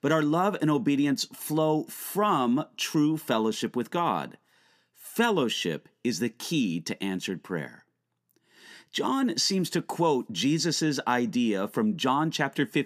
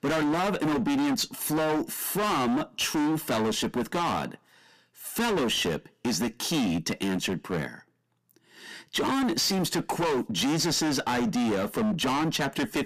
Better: first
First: none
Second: distortion; heavy; 28% of the sound clipped

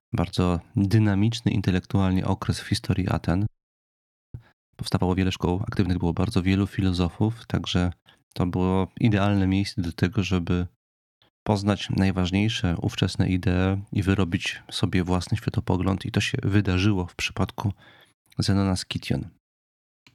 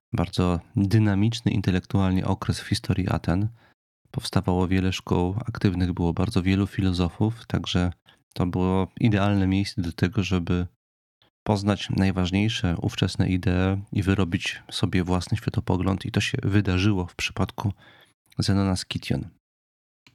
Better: second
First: audio freezing; at 3.5 s for 1 s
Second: none

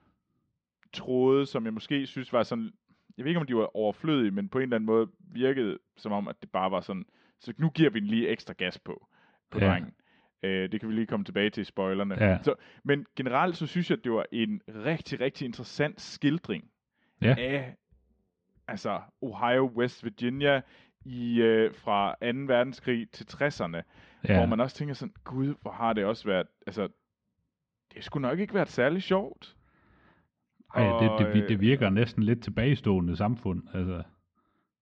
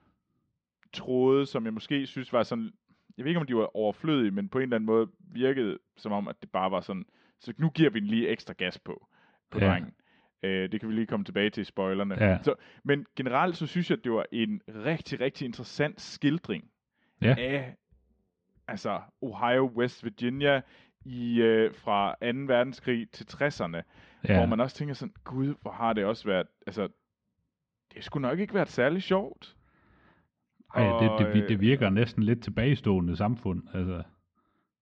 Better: neither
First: muffled; slightly; fading above 4 kHz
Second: muffled; slightly; fading above 4 kHz

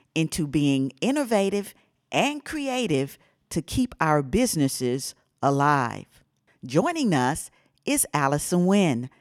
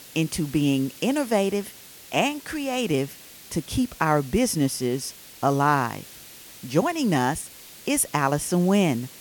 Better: first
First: none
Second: hiss; noticeable; throughout; 20 dB below the speech

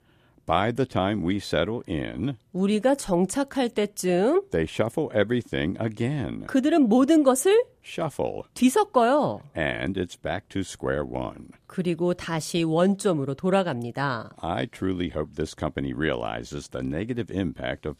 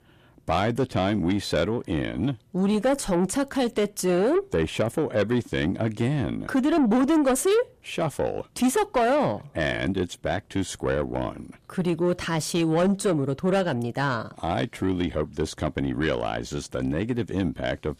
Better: first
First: none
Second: distortion; slight; 10 dB below the speech

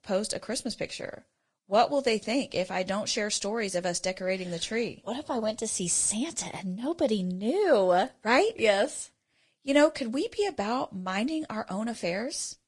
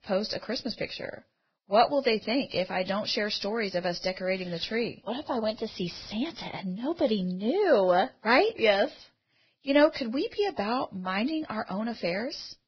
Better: first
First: garbled, watery; slightly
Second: garbled, watery; badly; nothing above 5.5 kHz

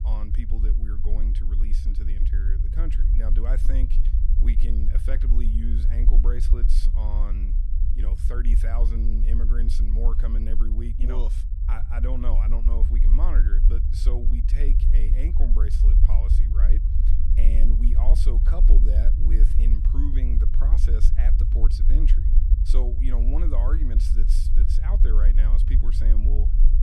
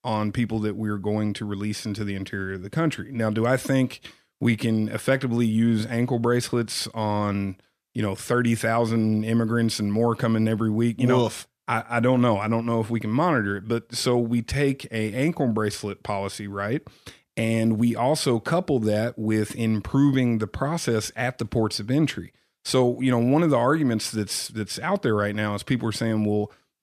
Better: second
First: low rumble; loud; throughout; 4 dB below the speech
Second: none

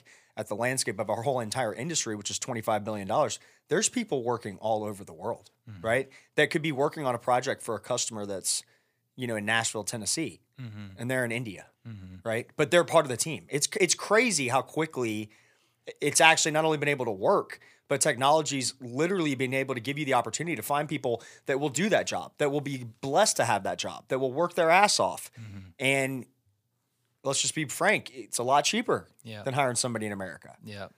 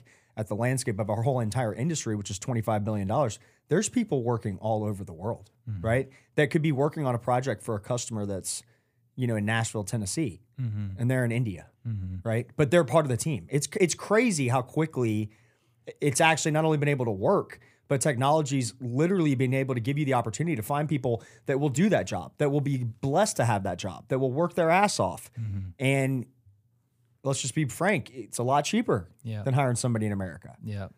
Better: second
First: thin; somewhat; fading below 1 kHz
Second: none

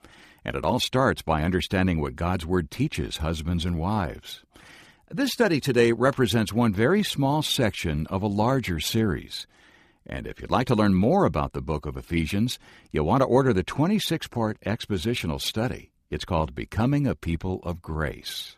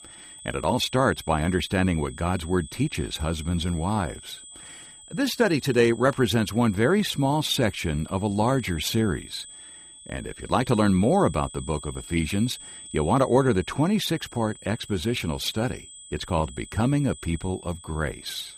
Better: first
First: none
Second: high-pitched whine; noticeable; throughout; 8 kHz, 15 dB below the speech

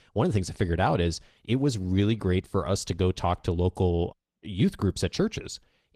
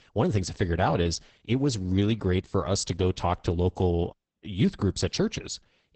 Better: first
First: garbled, watery; slightly; nothing above 14.5 kHz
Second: garbled, watery; badly; nothing above 8 kHz

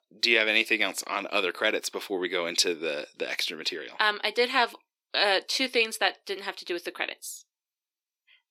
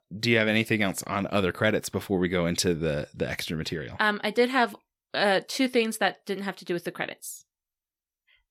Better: second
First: thin; somewhat; fading below 300 Hz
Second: none

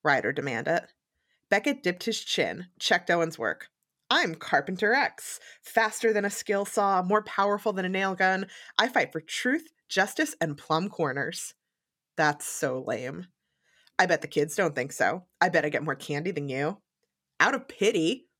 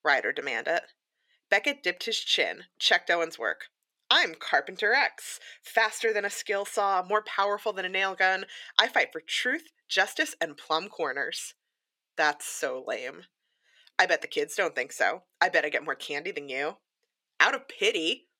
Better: first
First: none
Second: thin; somewhat; fading below 450 Hz

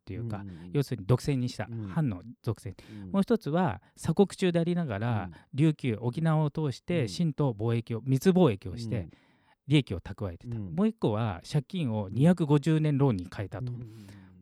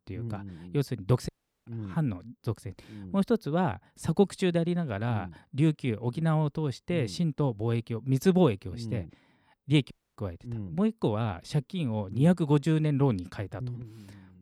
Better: first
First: none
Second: audio cutting out; at 1.5 s and at 10 s

